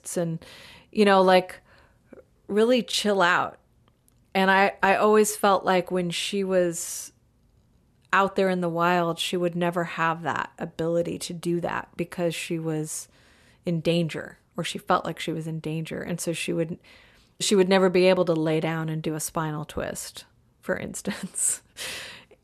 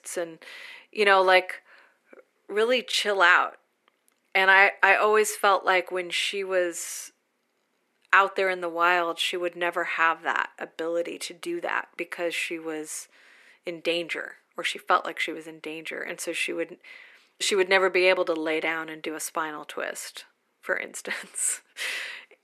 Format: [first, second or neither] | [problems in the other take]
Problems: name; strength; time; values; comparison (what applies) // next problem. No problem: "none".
first | thin; very; fading below 300 Hz